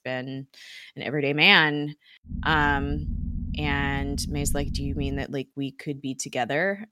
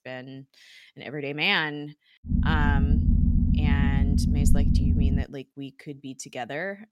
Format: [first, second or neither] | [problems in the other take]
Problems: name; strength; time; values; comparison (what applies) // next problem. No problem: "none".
first | low rumble; loud; from 2.5 to 5 s; 5 dB below the speech; faint in the first